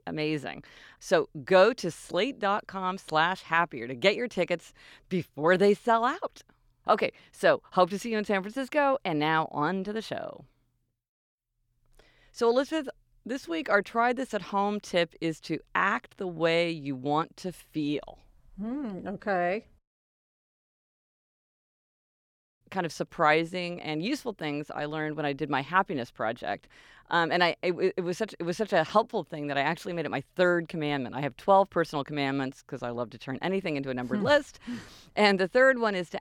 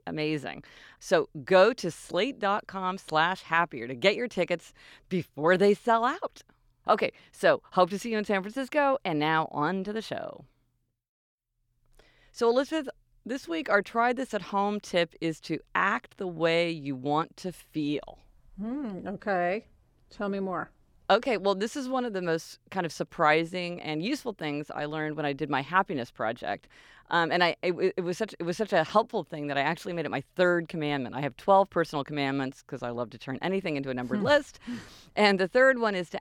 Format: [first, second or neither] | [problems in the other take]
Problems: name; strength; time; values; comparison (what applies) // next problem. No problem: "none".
second | audio cutting out; at 20 s for 3 s